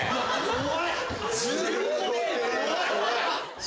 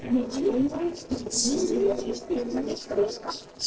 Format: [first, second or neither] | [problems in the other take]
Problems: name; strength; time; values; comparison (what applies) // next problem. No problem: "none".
first | noise reduction (neural separator model SepFormer DNS4)